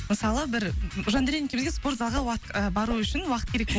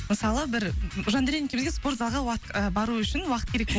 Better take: second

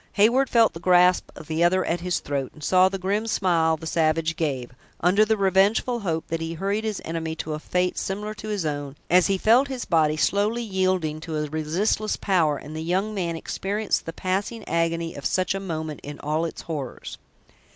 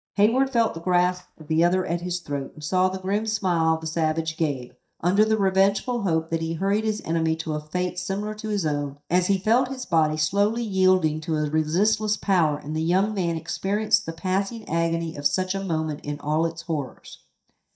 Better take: first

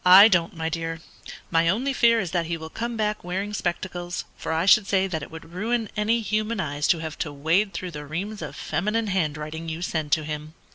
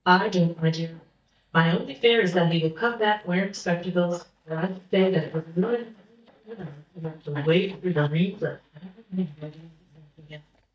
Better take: first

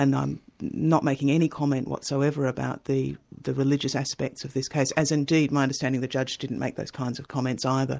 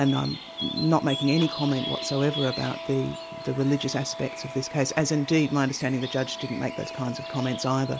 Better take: first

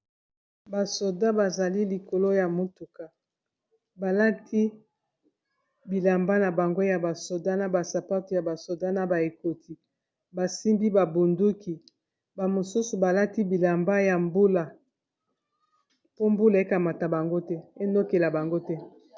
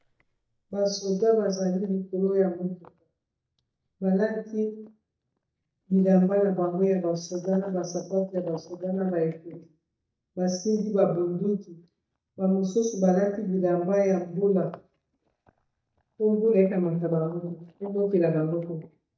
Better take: first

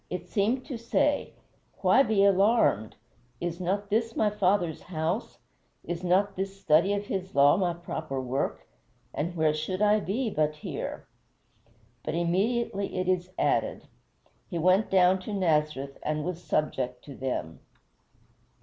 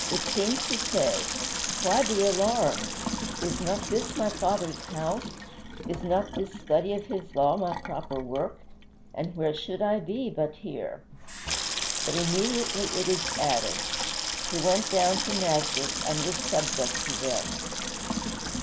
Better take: first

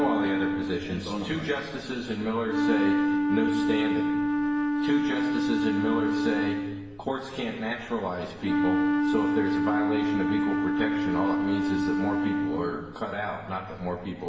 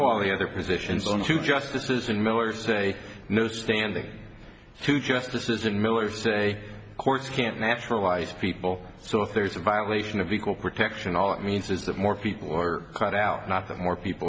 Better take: second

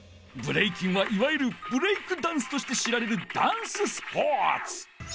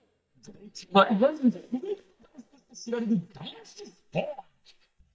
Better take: first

